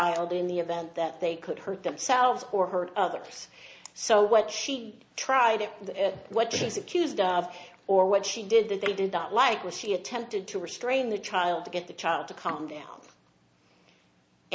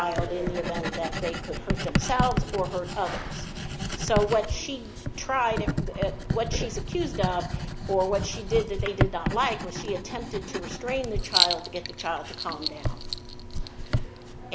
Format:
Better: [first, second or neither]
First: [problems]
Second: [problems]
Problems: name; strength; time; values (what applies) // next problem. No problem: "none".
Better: first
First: none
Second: background sound (Writing); as loud as the speech